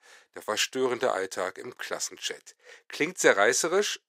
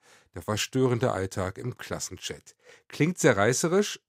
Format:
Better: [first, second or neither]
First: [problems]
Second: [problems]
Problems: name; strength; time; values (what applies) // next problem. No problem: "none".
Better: second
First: thin; somewhat; fading below 450 Hz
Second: none